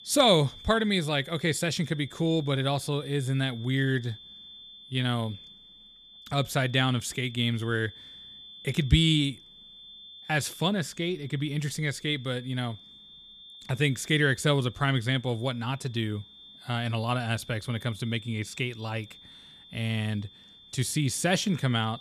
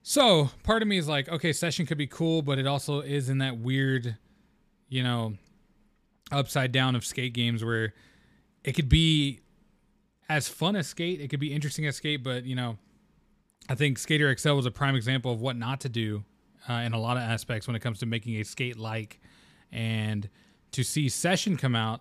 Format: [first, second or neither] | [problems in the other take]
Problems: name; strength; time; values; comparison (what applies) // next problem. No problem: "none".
second | high-pitched whine; noticeable; throughout; 3.5 kHz, 20 dB below the speech